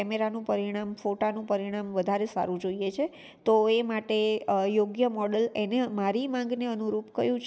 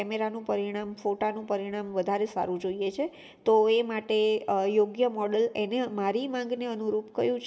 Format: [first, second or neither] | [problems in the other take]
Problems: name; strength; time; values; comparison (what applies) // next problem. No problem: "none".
first | room echo; dies away in 0.5 s